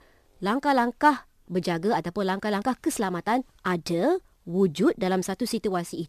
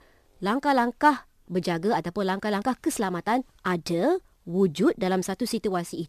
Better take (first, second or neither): neither